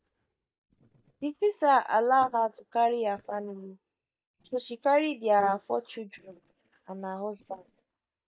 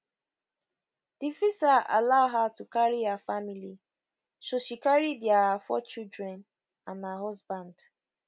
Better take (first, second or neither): second